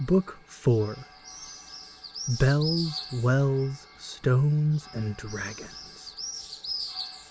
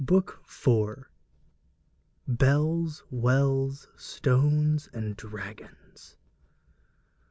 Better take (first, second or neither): second